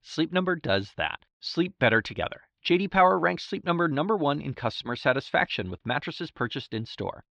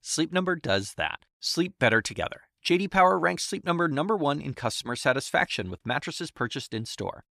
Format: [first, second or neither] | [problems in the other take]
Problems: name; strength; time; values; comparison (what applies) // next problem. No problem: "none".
second | muffled; very slightly; fading above 4 kHz